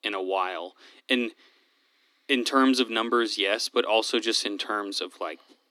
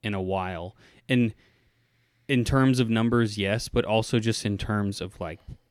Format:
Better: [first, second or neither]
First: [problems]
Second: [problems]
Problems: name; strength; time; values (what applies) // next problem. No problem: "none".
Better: second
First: thin; somewhat; fading below 250 Hz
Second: none